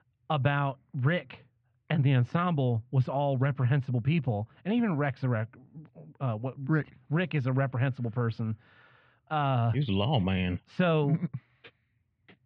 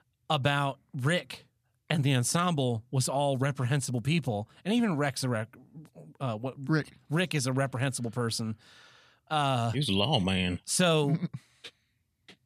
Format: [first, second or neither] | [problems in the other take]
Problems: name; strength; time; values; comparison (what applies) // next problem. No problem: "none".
second | muffled; very; fading above 2.5 kHz